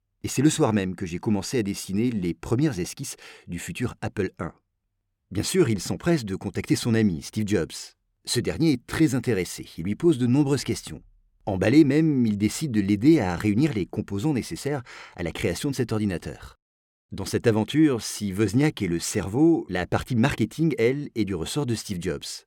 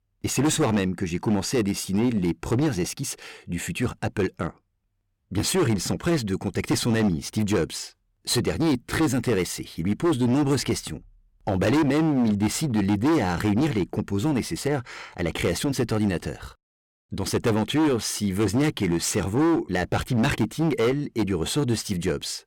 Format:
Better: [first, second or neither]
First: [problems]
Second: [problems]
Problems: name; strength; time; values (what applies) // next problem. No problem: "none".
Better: first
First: none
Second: distortion; heavy; 13% of the sound clipped